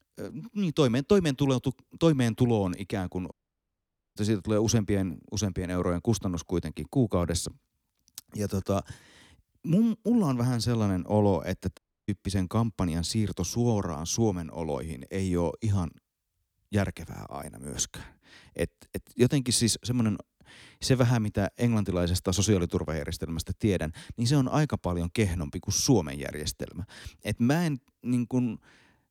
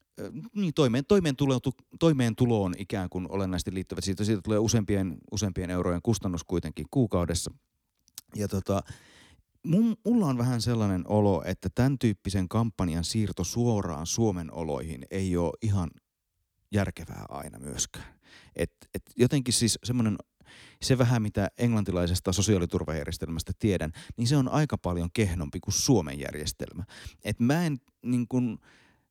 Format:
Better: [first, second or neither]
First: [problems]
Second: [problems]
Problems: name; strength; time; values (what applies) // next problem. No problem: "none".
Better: second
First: audio cutting out; at 3.5 s for 1 s and at 12 s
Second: none